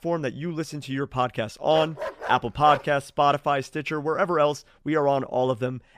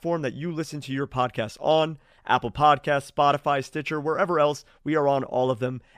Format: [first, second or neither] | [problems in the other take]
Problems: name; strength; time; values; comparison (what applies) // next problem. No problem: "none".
second | dog barking; noticeable; from 1.5 to 3 s; peak 7 dB below the speech